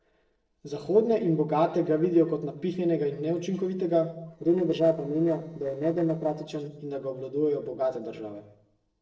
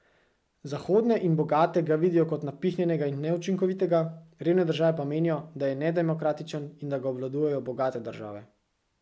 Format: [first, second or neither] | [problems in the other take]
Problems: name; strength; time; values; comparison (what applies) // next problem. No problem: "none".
second | noise reduction (neural separator model SepFormer DNS4)